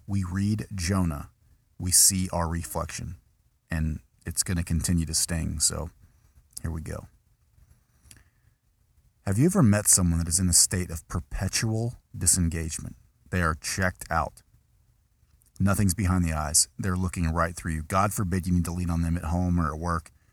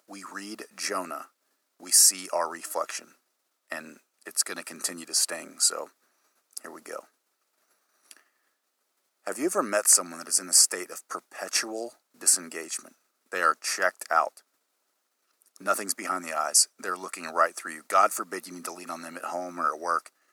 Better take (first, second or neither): first